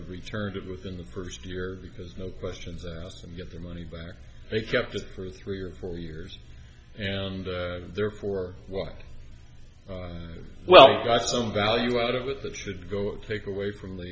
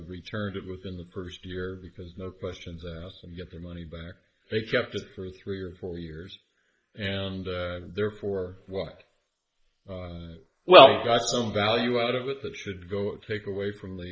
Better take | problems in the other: first | noise reduction (neural mask model Resemble Enhance denoiser)

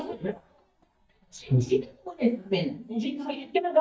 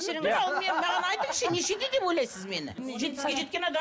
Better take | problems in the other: second | noise reduction (neural mask model DeepFilterNet 3)

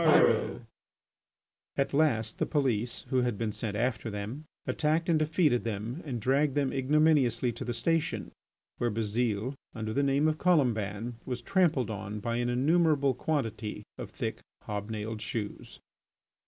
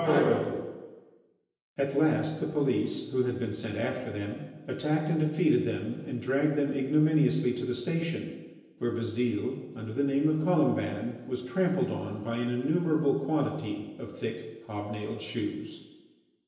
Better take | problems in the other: first | room echo; dies away in 1 s

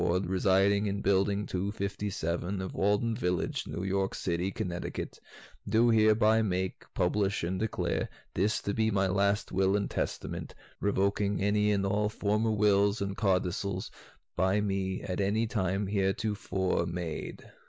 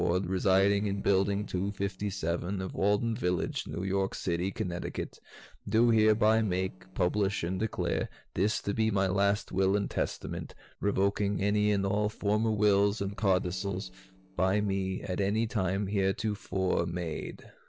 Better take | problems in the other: first | noise reduction (neural separator model SepFormer DNS4)

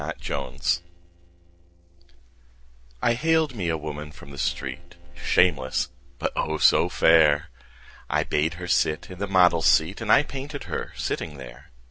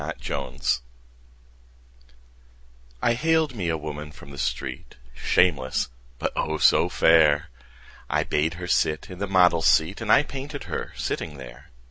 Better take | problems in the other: second | noise reduction (neural separator model SepFormer DNS4)

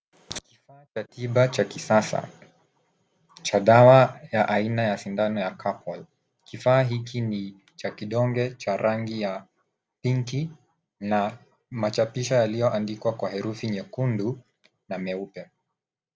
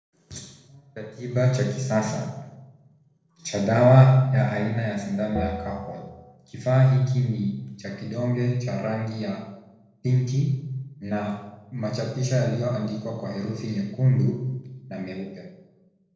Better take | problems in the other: first | noise reduction (neural separator model SepFormer DNS4)

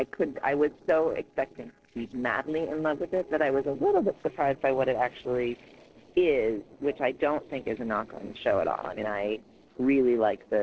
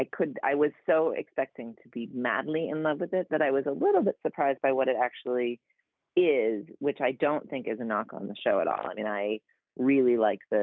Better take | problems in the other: second | noise reduction (neural separator model SepFormer DNS4)

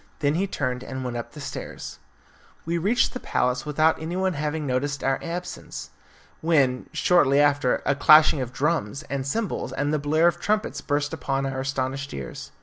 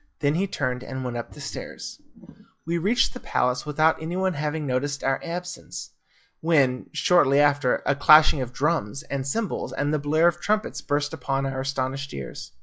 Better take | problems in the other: first | noise reduction (classical method log-MMSE)

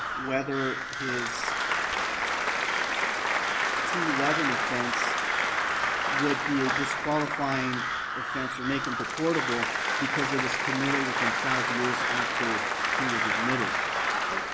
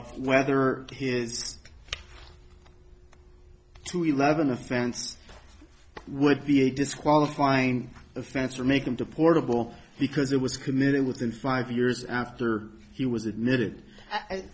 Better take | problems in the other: second | background sound (Crow + Applause); 5 dB above the speech

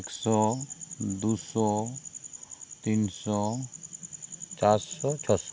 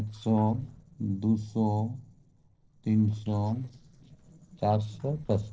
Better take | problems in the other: first | noise reduction (neural separator model SepFormer DNS4)

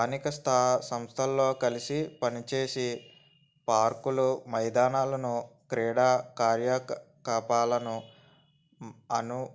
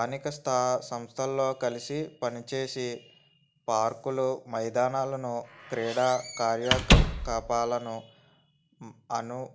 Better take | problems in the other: first | background sound (Squeak / Slam); 4 dB above the speech

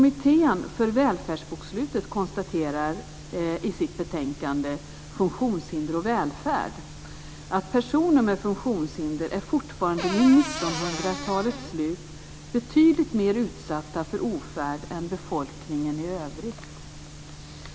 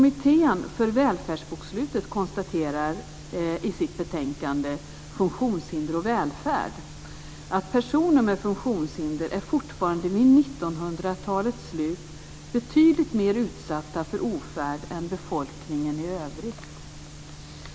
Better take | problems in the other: second | background sound (Cupboard open or close / Door); 8 dB below the speech

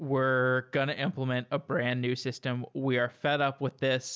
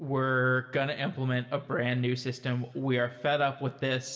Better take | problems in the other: first | room echo; dies away in 1.3 s

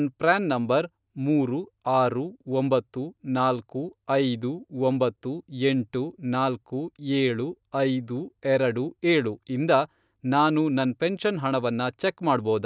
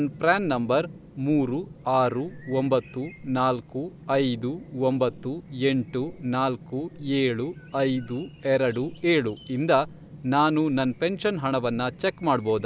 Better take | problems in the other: first | background sound (Chirp, tweet); 19 dB below the speech

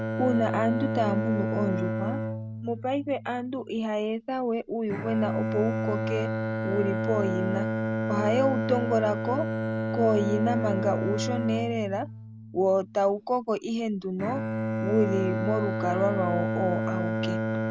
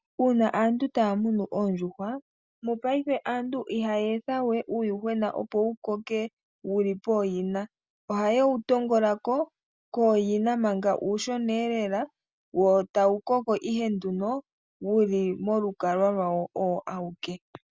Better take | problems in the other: second | background sound (Bowed string instrument); 1 dB below the speech

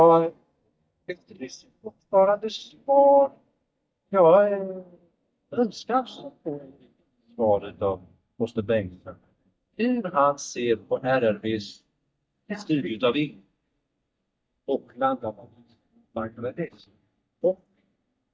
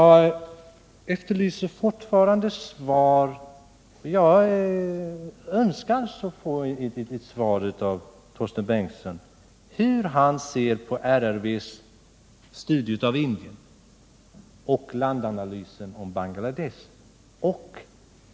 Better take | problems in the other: second | noise reduction (neural mask model DeepFilterNet 3)

